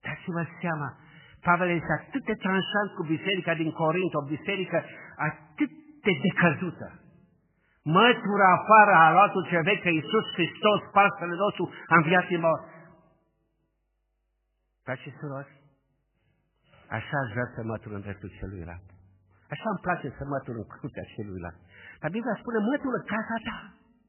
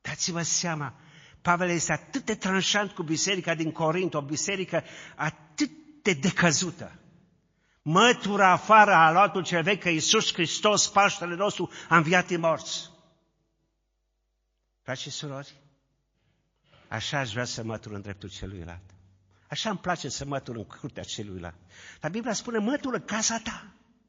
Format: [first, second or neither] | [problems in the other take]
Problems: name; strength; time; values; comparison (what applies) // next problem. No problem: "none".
second | garbled, watery; badly; nothing above 3 kHz; slightly in the second